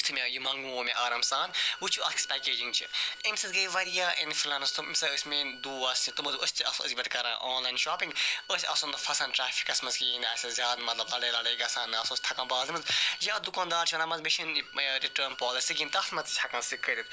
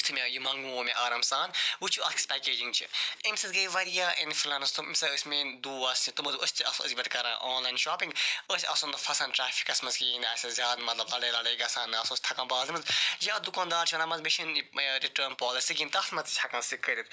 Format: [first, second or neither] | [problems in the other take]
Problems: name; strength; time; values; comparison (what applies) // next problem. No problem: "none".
second | background sound (Bowed string instrument); 17 dB below the speech